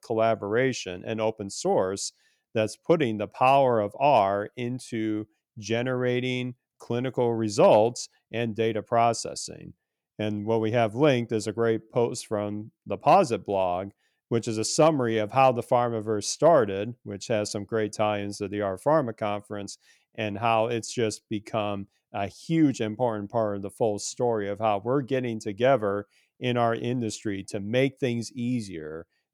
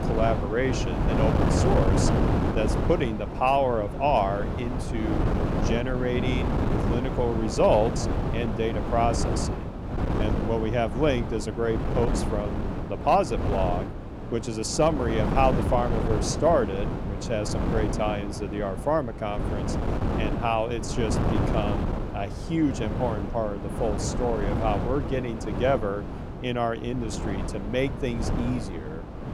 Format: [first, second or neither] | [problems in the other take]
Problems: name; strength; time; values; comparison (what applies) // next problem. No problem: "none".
first | wind noise on the microphone; heavy; 6 dB below the speech